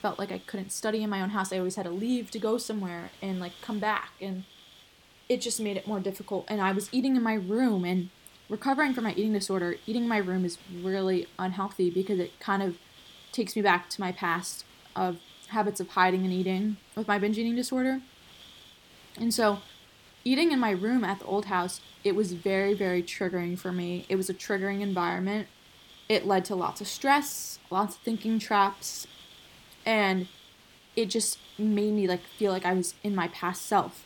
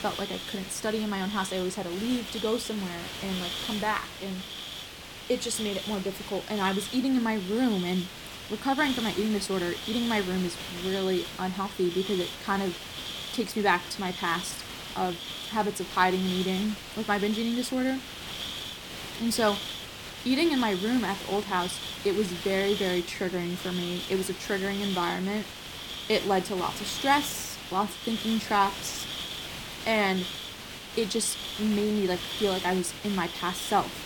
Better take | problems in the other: first | hiss; loud; throughout; 7 dB below the speech; faint in the first

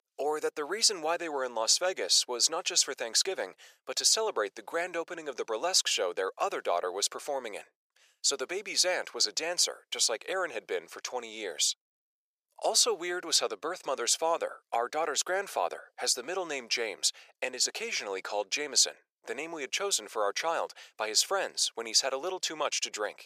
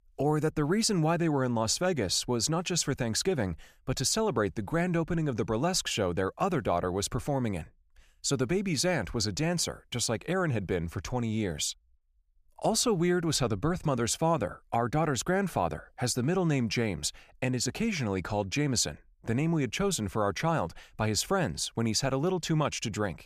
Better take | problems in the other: second | thin; very; fading below 450 Hz

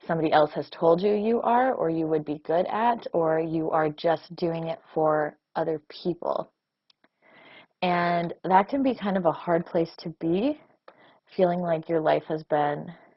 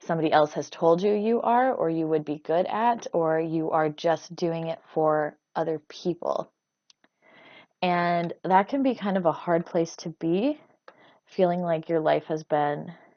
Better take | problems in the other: second | garbled, watery; badly; nothing above 5.5 kHz; slightly in the second

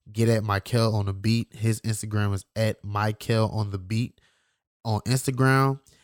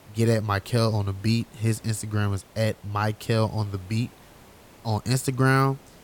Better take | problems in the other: first | hiss; faint; throughout; 25 dB below the speech

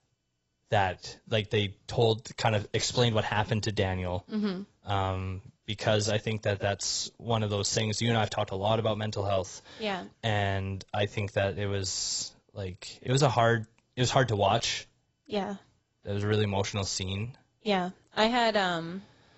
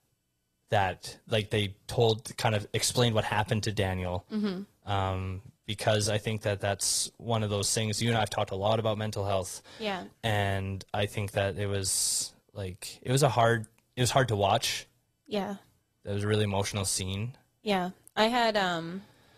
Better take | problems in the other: second | garbled, watery; badly; nothing above 8 kHz; slightly in the second

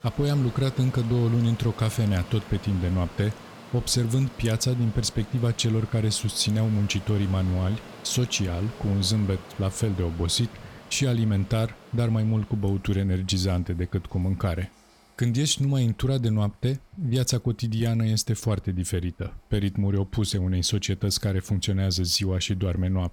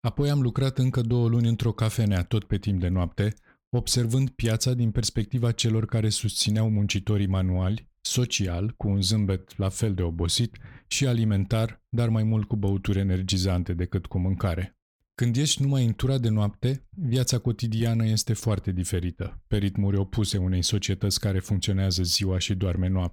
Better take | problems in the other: second | rain or running water; noticeable; throughout; 20 dB below the speech

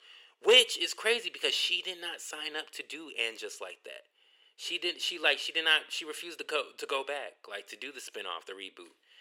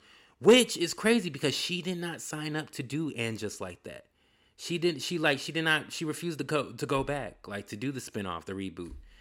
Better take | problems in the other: second | thin; very; fading below 450 Hz

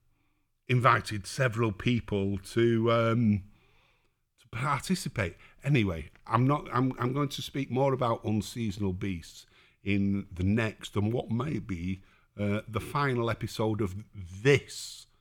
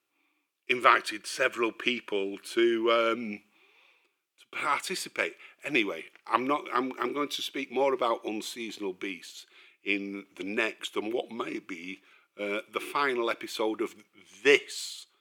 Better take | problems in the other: first | thin; somewhat; fading below 300 Hz

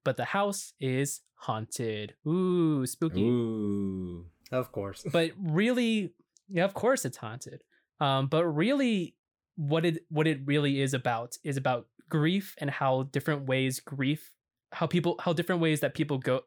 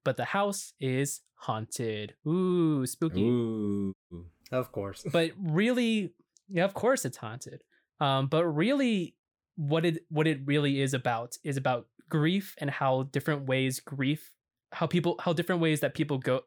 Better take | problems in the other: first | audio cutting out; at 4 s

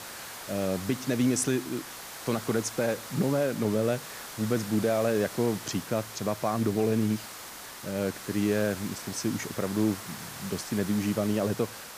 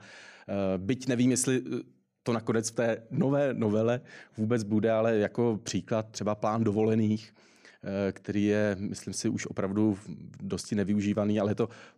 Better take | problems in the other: second | hiss; noticeable; throughout; 10 dB below the speech

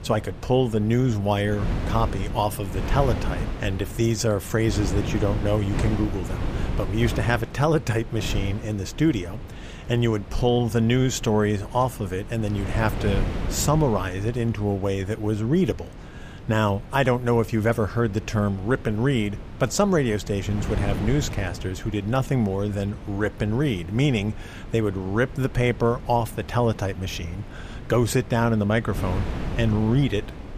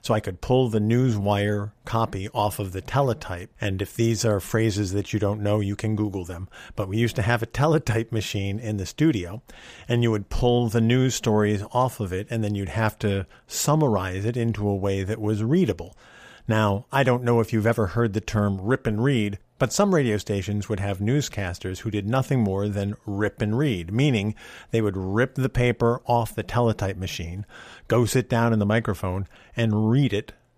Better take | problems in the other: second | wind noise on the microphone; occasional gusts; 15 dB below the speech

